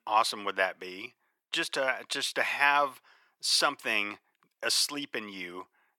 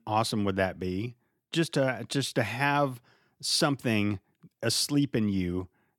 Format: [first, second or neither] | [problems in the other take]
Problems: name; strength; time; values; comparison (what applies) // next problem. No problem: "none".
second | thin; very; fading below 600 Hz